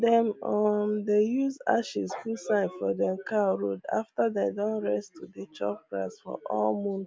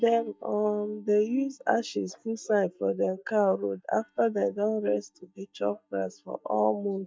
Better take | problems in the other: first | noise reduction (neural mask model DeepFilterNet 3)

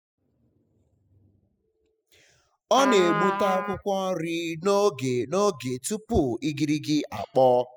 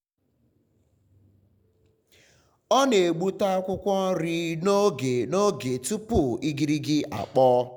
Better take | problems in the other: second | noise reduction (classical method spectral subtraction)

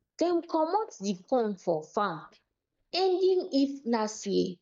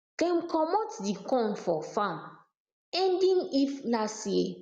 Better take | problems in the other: second | noise reduction (neural mask model DeepFilterNet 3)

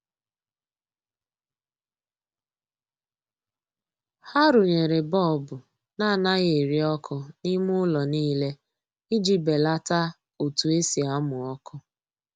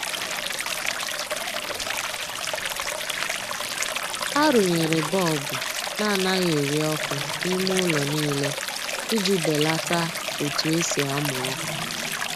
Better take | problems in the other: first | background sound (Stream); 1 dB below the speech

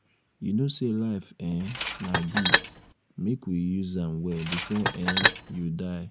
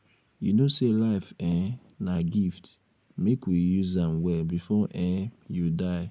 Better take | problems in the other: second | background sound (Tools); 2 dB above the speech

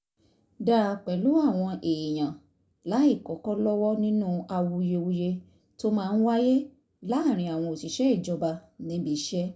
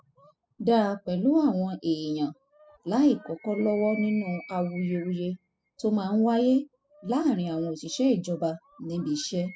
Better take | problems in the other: first | noise reduction (classical method spectral subtraction)

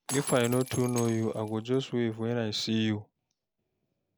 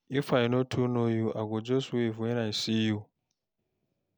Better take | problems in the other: second | background sound (Shatter); 12 dB below the speech

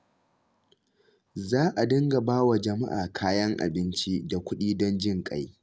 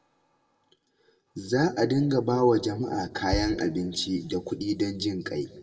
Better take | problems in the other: first | background sound (Bass drum); 11 dB below the speech // room echo; dies away in 1.6 s

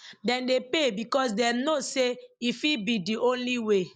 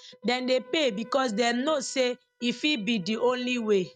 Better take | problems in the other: first | noise reduction (neural mask model RNNoise)

